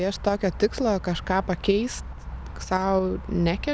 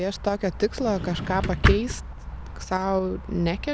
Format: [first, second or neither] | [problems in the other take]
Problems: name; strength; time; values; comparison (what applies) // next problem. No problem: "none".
first | background sound (Drawer open or close); 1 dB below the speech